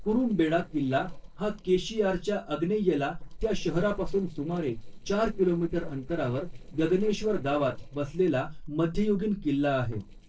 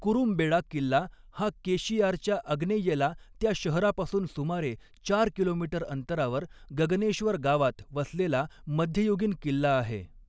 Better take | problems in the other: second | noise reduction (neural separator model SepFormer DNS4)

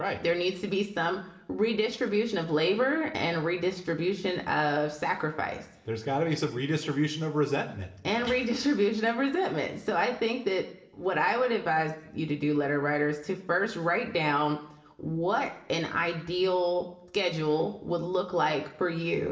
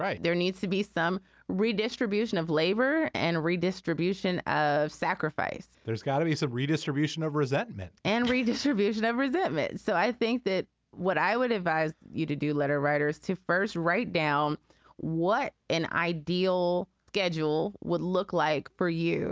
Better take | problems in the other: second | room echo; dies away in 0.7 s

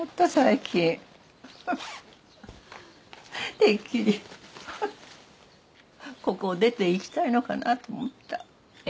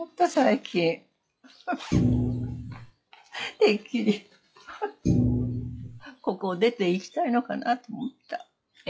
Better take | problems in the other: first | noise reduction (classical method log-MMSE)

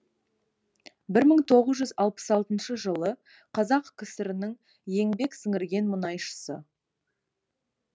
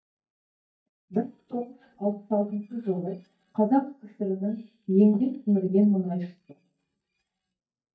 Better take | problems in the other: first | noise reduction (neural mask model DeepFilterNet 3)

